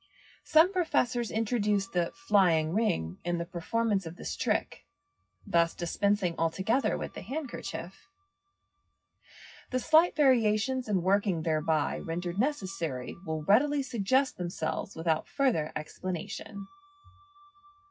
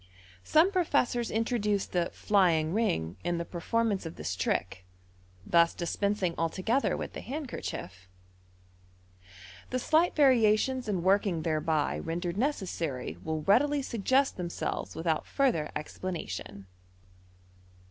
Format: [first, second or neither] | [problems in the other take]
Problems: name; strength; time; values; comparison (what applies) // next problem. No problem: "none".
second | noise reduction (classical method WPE with log-MMSE)